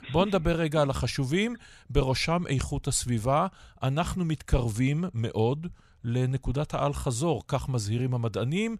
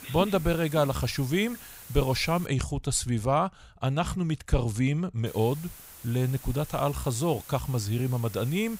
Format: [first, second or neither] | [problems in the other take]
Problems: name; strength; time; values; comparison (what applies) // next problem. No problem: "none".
first | hiss; noticeable; until 2.5 s and from 5.5 s on; 15 dB below the speech